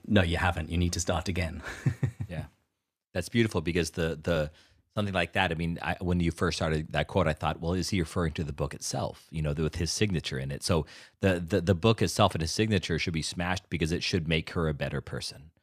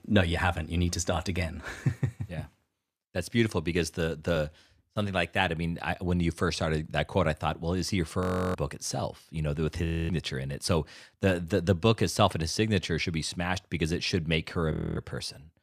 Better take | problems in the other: first | audio freezing; at 8 s, at 10 s and at 15 s

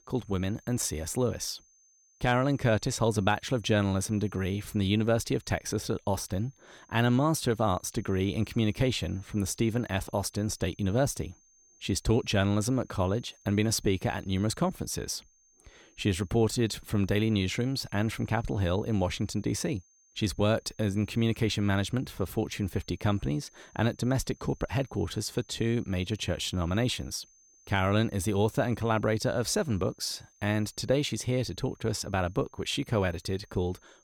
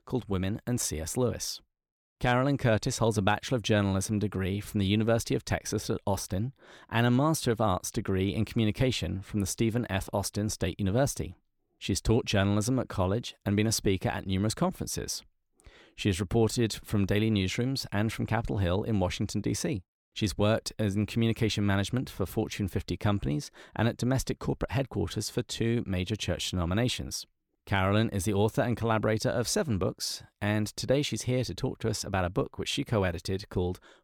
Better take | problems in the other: second | high-pitched whine; faint; throughout; 6.5 kHz, 30 dB below the speech

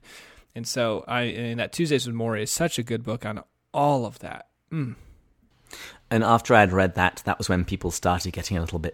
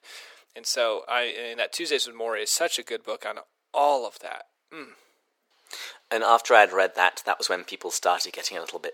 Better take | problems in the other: first | thin; very; fading below 450 Hz

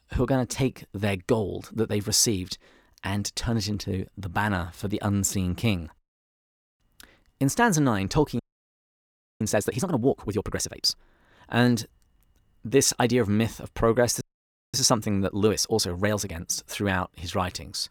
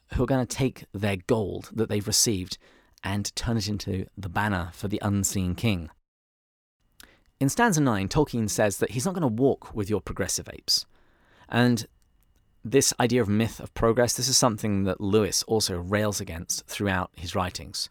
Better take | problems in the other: second | audio freezing; at 8.5 s for 1 s and at 14 s for 0.5 s

